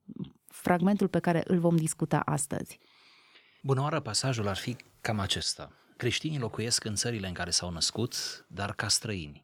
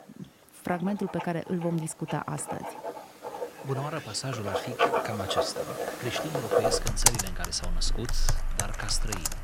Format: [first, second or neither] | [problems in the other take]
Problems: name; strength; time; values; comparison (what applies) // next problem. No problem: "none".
first | household noises; very loud; throughout; 3 dB above the speech